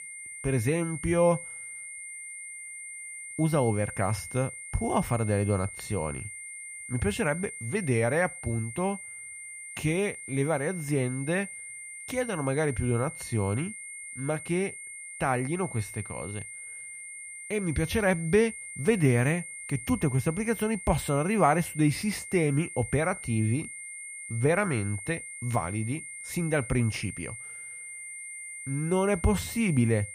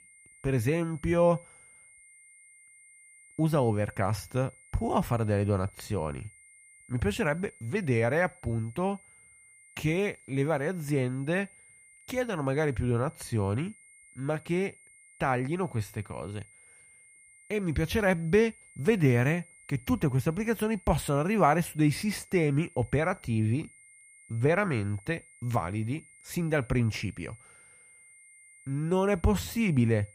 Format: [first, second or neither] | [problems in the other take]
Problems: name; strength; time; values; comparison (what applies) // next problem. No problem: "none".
second | high-pitched whine; loud; throughout; 2 kHz, 10 dB below the speech; faint in the second